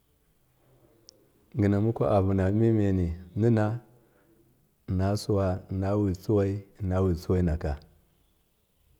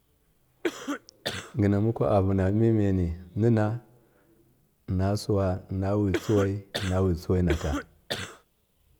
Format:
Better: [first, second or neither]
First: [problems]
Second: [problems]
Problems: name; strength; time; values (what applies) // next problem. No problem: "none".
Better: first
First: none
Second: background sound (Cough); 7 dB below the speech